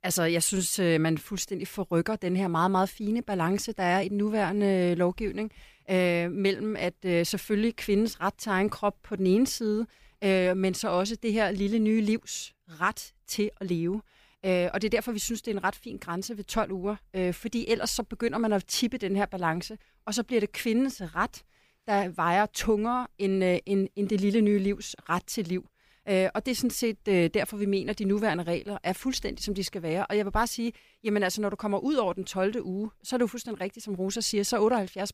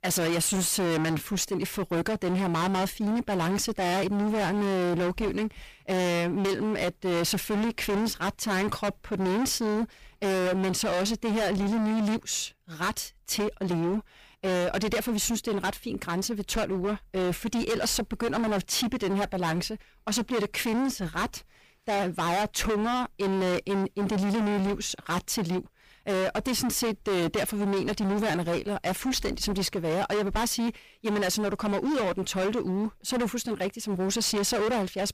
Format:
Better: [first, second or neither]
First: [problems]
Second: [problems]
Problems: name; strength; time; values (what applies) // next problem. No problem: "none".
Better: first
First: none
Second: distortion; heavy; 31% of the sound clipped